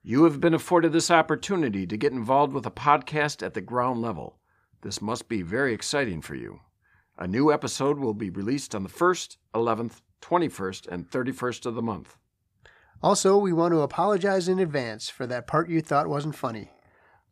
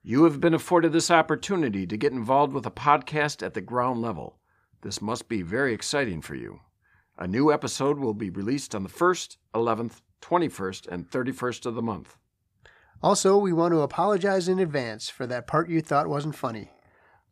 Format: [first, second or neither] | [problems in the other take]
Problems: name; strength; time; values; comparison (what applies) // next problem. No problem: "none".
neither | none